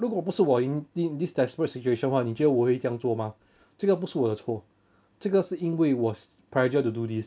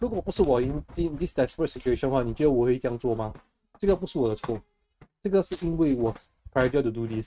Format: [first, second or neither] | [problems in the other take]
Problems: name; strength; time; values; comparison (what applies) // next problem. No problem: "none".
first | noise reduction (neural mask model RNNoise)